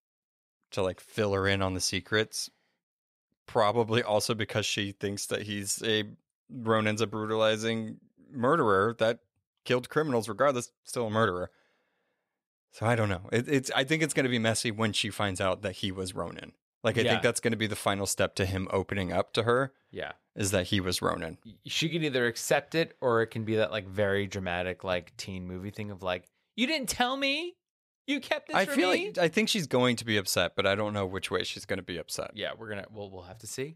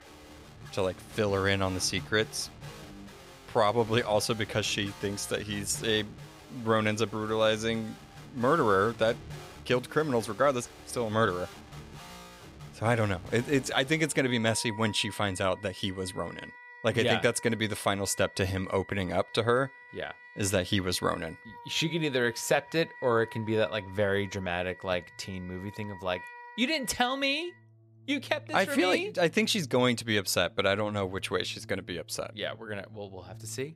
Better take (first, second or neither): first